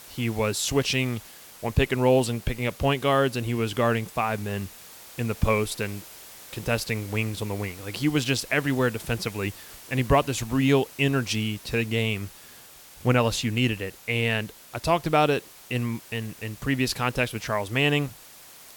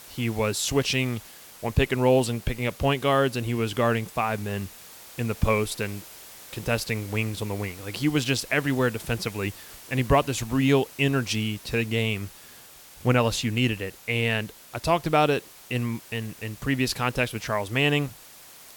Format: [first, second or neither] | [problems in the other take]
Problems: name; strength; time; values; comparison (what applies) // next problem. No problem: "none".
neither | hiss; noticeable; throughout; 20 dB below the speech; the same in both